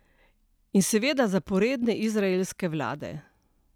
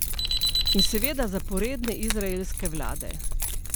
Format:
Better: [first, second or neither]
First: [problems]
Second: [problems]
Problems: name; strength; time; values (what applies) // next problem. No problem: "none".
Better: first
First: none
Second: background sound (Alarm + Keys jangling); 5 dB above the speech